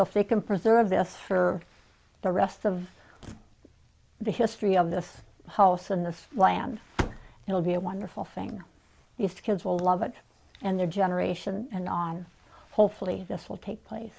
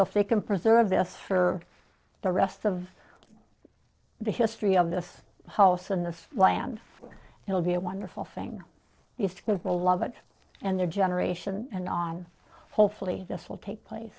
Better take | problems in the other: first | noise reduction (neural separator model SepFormer DNS4)

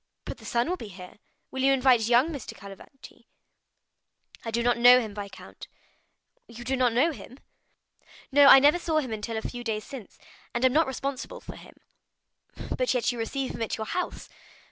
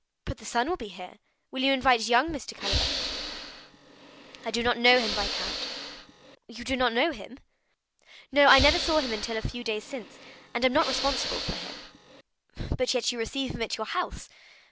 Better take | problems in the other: first | background sound (Hiss / Breathing); 5 dB below the speech

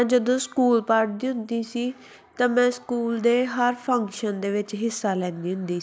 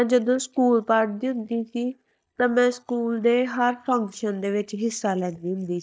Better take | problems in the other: first | noise reduction (neural mask model DeepFilterNet 3)

